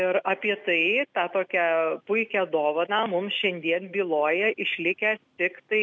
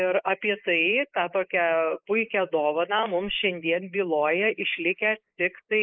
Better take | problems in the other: first | noise reduction (neural mask model Resemble Enhance denoiser)

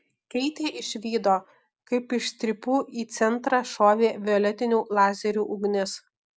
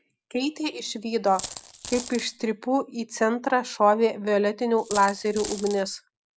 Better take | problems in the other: first | background sound (Coin (dropping)); 12 dB below the speech

